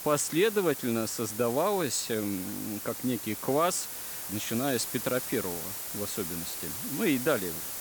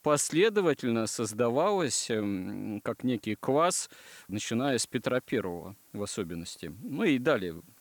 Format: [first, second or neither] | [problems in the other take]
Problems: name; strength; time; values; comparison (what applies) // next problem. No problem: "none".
second | hiss; loud; throughout; 5 dB below the speech; faint in the second